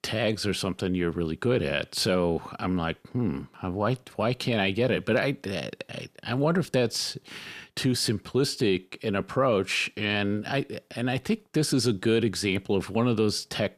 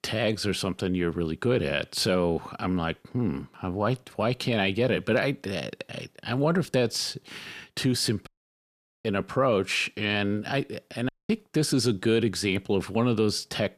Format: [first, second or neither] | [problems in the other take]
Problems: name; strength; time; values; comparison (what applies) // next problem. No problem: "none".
first | audio cutting out; at 8.5 s for 1 s and at 11 s